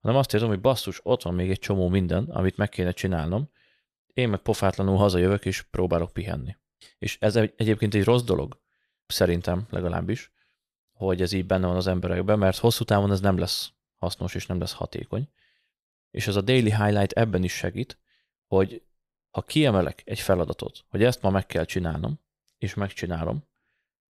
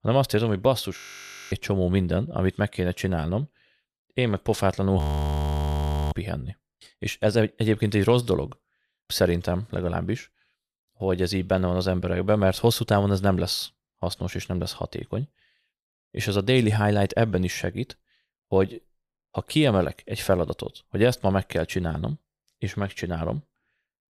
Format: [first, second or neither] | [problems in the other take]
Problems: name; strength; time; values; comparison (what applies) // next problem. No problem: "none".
first | audio freezing; at 1 s for 0.5 s and at 5 s for 1 s